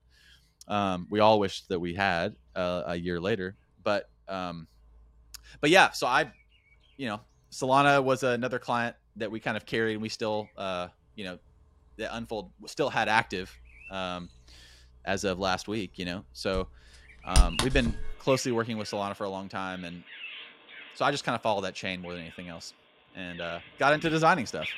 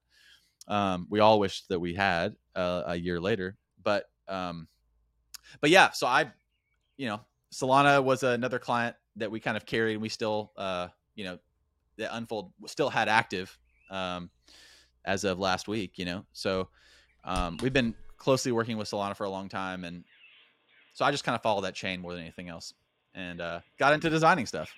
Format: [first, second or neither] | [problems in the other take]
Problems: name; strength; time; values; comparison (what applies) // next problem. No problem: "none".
second | animal sounds; loud; throughout; 8 dB below the speech; faint in the second